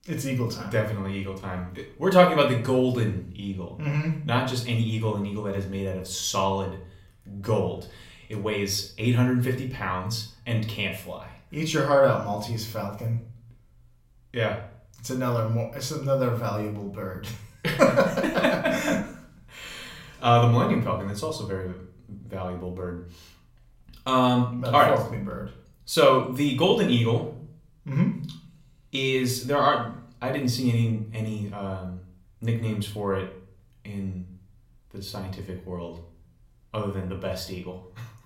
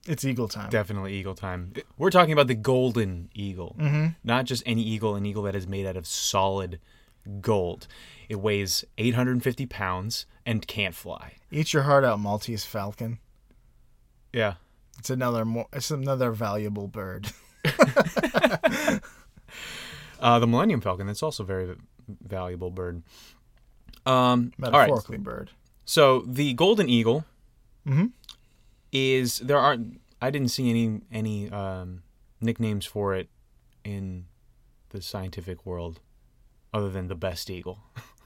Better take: second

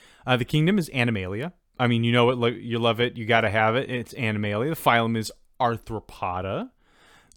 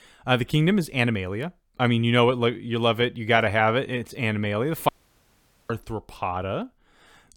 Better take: first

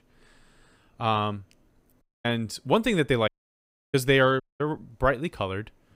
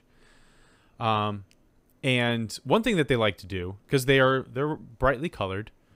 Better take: second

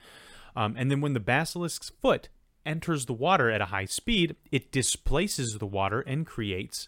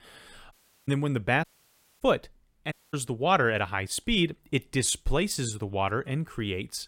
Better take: first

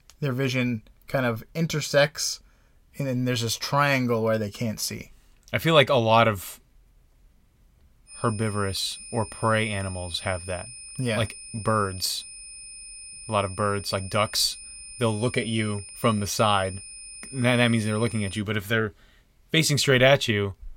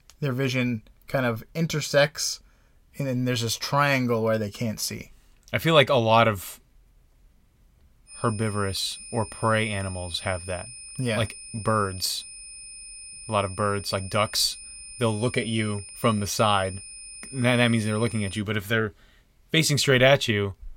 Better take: neither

